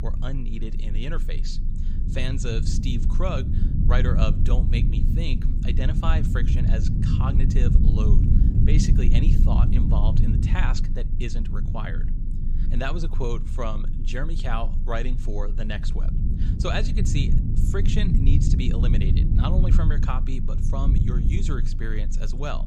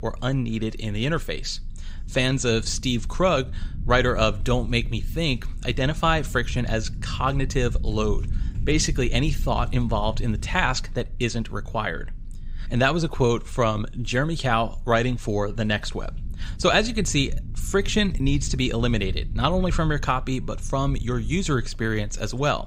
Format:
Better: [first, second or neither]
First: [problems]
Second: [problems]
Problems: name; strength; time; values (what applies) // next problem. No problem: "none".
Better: second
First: low rumble; loud; throughout; 4 dB below the speech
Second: low rumble; faint; throughout; 25 dB below the speech